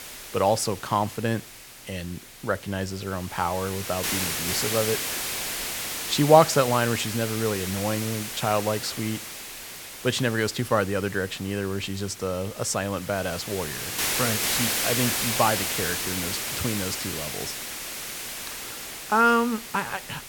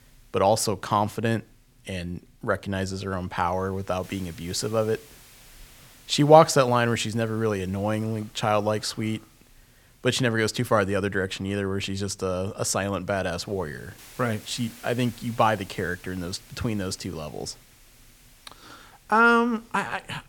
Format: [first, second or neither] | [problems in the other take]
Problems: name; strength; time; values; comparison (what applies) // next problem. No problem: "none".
second | hiss; loud; throughout; 2 dB below the speech; faint in the second